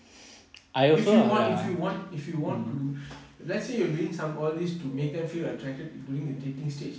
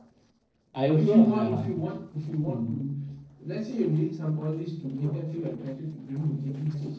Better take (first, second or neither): first